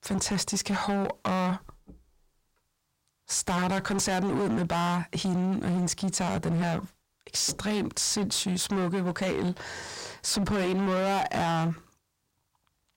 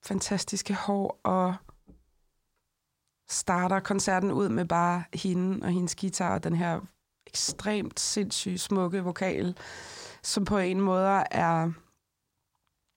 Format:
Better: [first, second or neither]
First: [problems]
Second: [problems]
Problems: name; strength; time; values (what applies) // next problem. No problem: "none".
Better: second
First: distortion; heavy; 19% of the sound clipped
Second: none